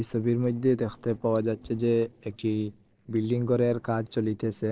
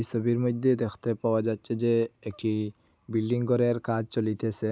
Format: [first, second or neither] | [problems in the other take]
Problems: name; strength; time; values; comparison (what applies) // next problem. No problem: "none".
second | noise reduction (neural separator model SepFormer DNS4)